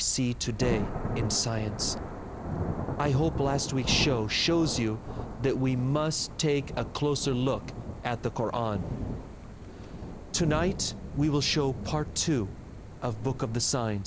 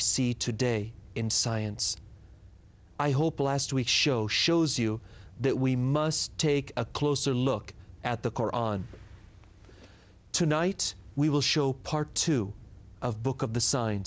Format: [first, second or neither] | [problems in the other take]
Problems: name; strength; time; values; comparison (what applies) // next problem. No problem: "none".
second | background sound (Thunder / Rain); 6 dB below the speech